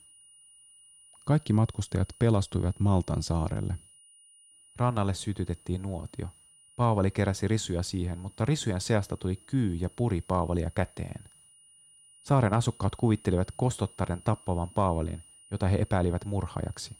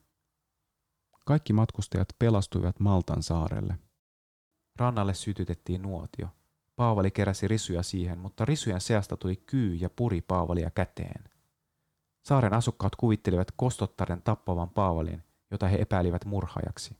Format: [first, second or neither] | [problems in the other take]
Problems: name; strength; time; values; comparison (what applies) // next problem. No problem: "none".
second | high-pitched whine; faint; throughout; 9.5 kHz, 25 dB below the speech